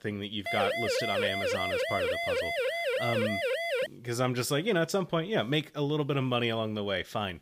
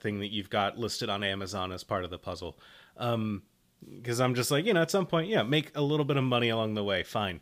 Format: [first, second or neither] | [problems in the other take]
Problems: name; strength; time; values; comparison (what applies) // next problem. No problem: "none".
second | siren; loud; until 4 s; peak 2 dB above the speech